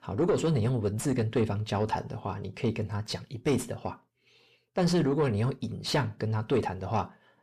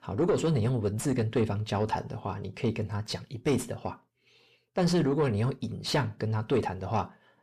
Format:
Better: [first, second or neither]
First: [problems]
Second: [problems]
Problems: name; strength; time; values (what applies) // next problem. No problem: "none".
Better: neither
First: distortion; slight; 10 dB below the speech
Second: distortion; slight; 10 dB below the speech